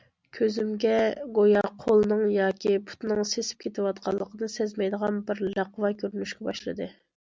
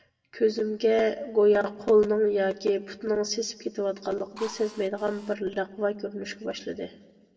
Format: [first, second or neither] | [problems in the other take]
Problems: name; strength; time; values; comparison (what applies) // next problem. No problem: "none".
first | background sound (Drill); 19 dB below the speech // room echo; dies away in 1 s